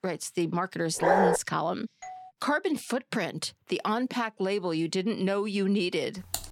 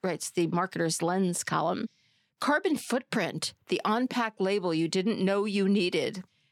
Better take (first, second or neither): second